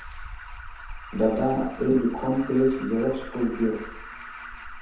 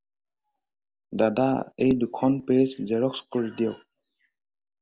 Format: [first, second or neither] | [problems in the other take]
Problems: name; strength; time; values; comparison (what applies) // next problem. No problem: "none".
second | background sound (Alarm); 12 dB below the speech // room echo; dies away in 0.8 s